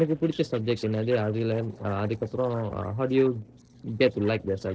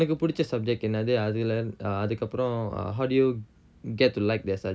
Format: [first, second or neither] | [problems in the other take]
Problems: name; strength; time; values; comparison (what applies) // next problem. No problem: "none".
second | noise reduction (neural separator model SepFormer DNS4)